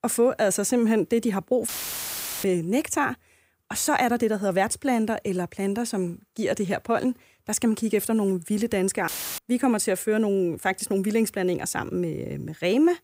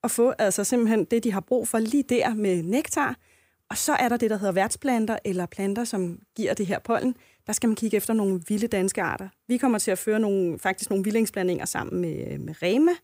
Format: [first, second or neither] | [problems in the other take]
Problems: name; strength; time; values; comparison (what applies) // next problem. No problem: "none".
second | audio cutting out; filled with static; at 1.5 s for 1 s and at 9 s